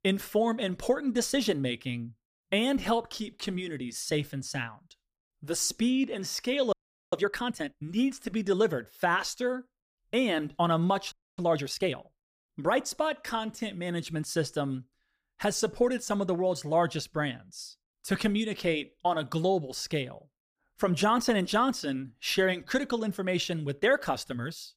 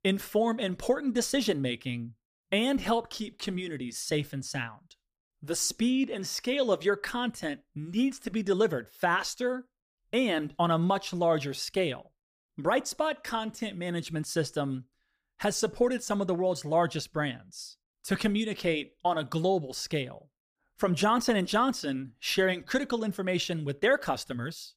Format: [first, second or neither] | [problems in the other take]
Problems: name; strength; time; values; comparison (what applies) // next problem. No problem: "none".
second | audio freezing; at 6.5 s and at 11 s